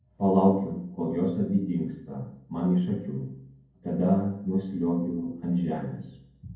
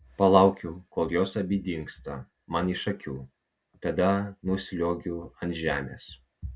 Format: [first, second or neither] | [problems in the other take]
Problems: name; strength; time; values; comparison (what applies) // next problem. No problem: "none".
second | room echo; dies away in 0.9 s